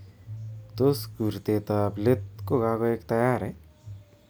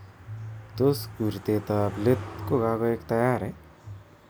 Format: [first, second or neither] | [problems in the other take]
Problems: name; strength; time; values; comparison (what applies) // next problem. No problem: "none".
first | background sound (Car passing by); 18 dB below the speech